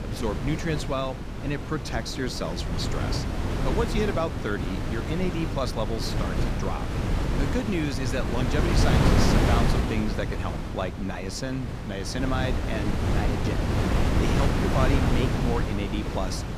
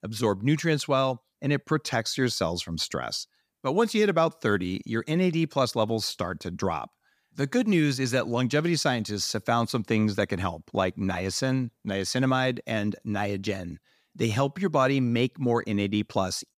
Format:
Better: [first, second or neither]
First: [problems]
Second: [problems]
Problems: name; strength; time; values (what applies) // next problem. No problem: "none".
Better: second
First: wind noise on the microphone; heavy; as loud as the speech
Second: none